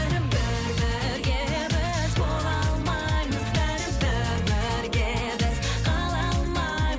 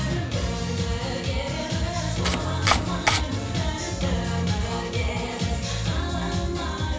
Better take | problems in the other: first | background sound (Domestic sounds, home sounds); as loud as the speech // room echo; dies away in 0.7 s

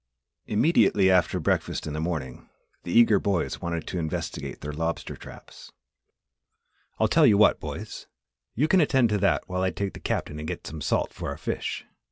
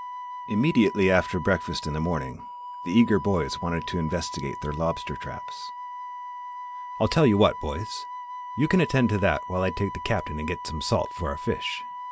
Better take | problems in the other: first | background sound (Wind instrument, woodwind instrument); 10 dB below the speech

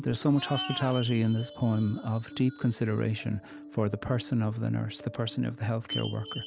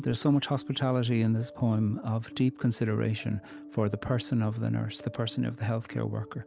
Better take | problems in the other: second | background sound (Chime + Livestock, farm animals, working animals); 15 dB below the speech

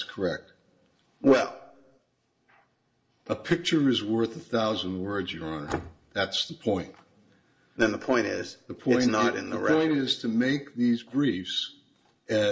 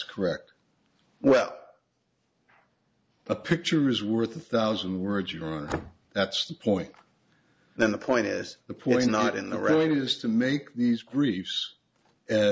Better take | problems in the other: second | room echo; dies away in 0.4 s

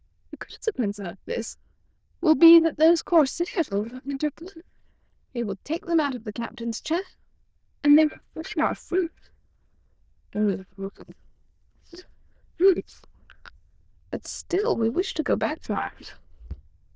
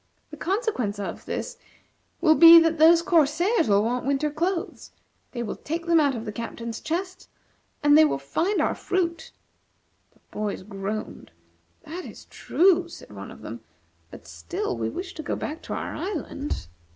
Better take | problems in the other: second | noise reduction (neural diffusion model UNIVERSE++)

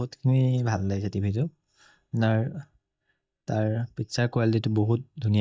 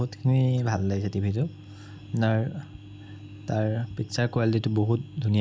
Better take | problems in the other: second | noise reduction (neural mask model DeepFilterNet 3)

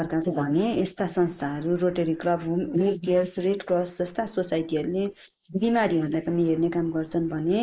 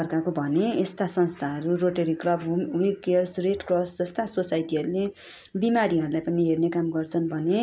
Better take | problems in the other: second | noise reduction (neural mask model Resemble Enhance denoiser)

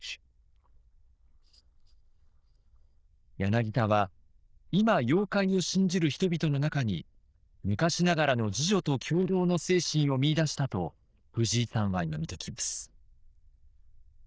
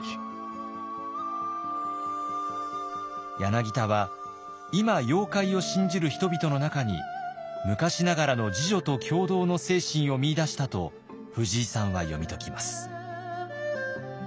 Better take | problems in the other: second | noise reduction (neural diffusion model UNIVERSE++)

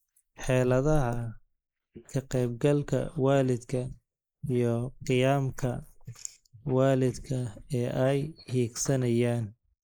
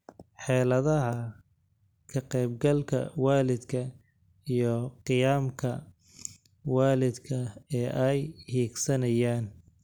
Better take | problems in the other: second | noise reduction (neural mask model Resemble Enhance denoiser)

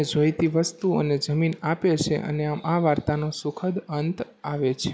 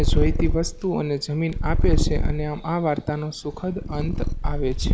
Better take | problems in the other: first | background sound (Purr); 3 dB above the speech

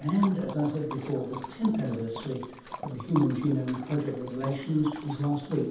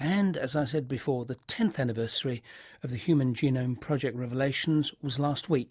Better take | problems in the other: second | background sound (Liquid); 13 dB below the speech // room echo; dies away in 0.8 s

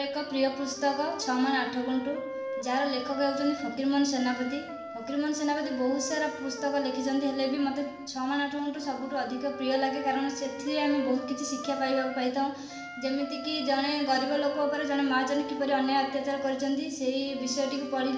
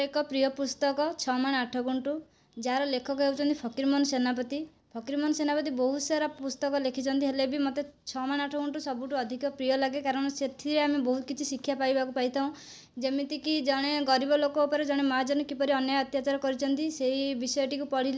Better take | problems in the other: second | background sound (Wind instrument, woodwind instrument); 11 dB below the speech // room echo; dies away in 1.1 s

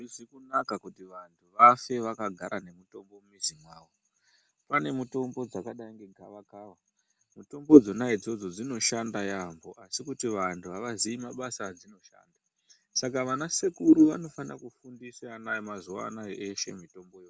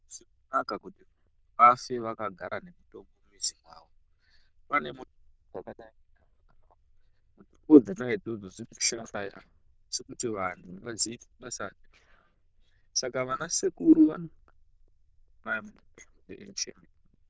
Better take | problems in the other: first | noise reduction (neural diffusion model UNIVERSE++)

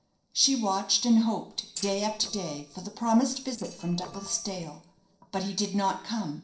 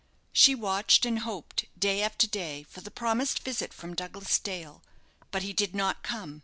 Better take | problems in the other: second | noise reduction (neural separator model SepFormer DNS4)

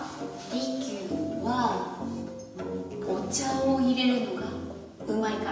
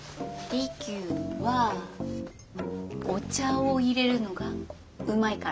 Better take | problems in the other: second | room echo; dies away in 1 s

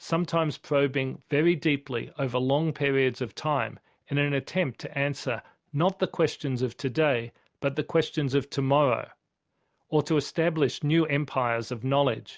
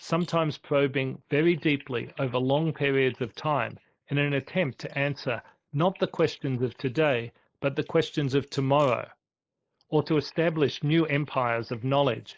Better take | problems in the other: first | noise reduction (neural mask model Resemble Enhance denoiser)

